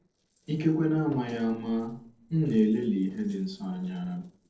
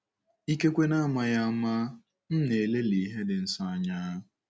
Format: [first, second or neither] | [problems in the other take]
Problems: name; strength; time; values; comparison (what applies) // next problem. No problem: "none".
second | noise reduction (neural separator model SepFormer DNS4)